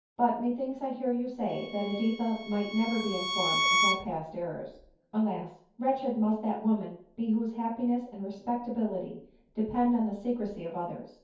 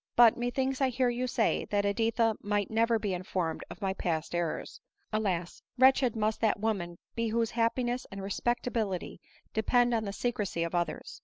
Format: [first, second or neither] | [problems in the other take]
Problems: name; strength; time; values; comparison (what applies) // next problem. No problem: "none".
second | background sound (Bowed string instrument); 2 dB below the speech // room echo; dies away in 0.6 s